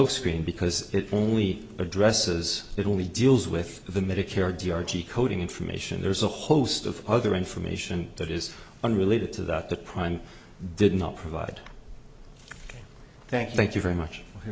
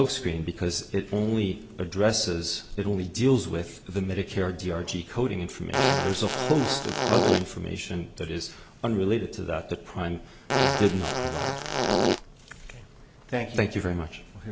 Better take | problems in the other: first | background sound (Fart); 3 dB above the speech

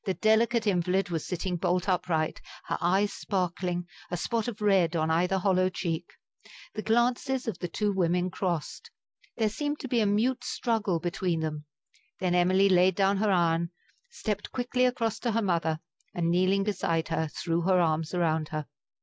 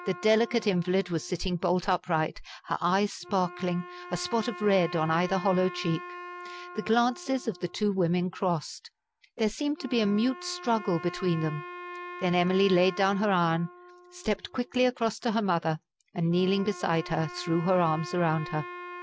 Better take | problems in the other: first | background sound (Wind instrument, woodwind instrument); 15 dB below the speech

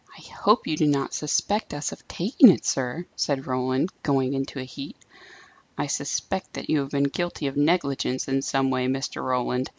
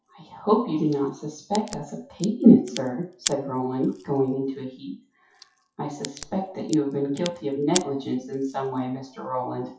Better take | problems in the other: first | noise reduction (classical method WPE with log-MMSE)

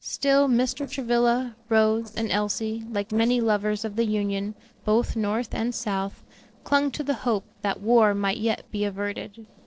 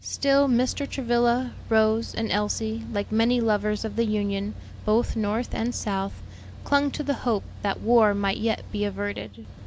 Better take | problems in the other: second | noise reduction (neural separator model SepFormer DNS4)

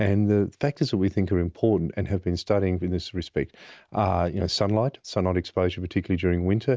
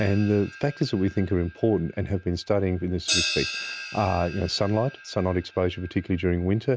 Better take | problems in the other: first | background sound (Crash cymbal); 10 dB below the speech

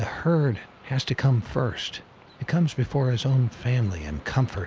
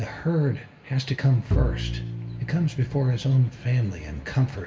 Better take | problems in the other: first | background sound (Bowed string instrument); 6 dB below the speech // room echo; dies away in 0.6 s

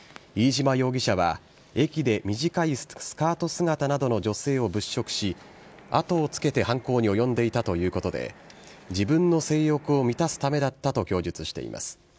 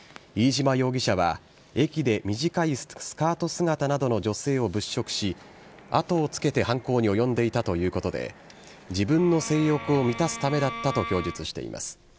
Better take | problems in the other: first | background sound (Bowed string instrument); 12 dB below the speech

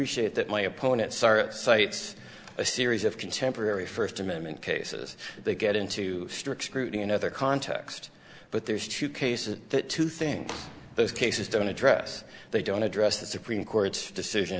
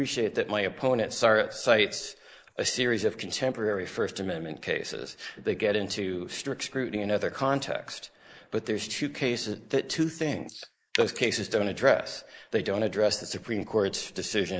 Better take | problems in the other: first | noise reduction (neural mask model Resemble Enhance denoiser)

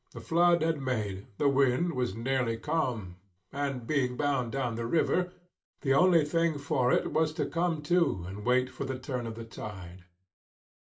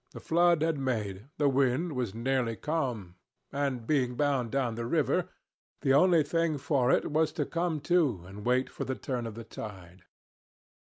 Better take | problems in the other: second | room echo; dies away in 0.2 s

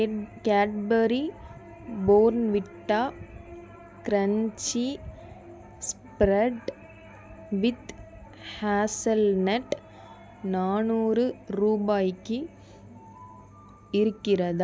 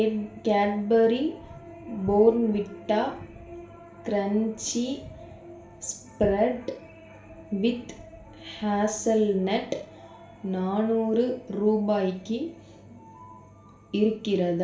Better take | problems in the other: first | room echo; dies away in 0.5 s

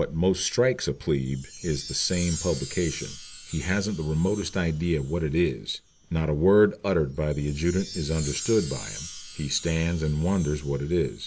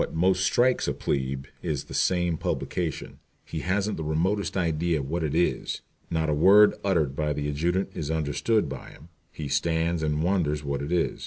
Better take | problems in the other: second | background sound (Chime); 15 dB below the speech

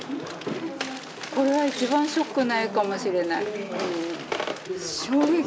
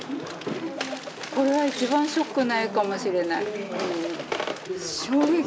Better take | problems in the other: first | background sound (Chicken, rooster); 19 dB below the speech

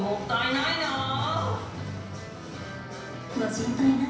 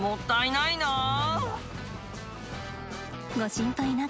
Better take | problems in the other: second | room echo; dies away in 0.9 s

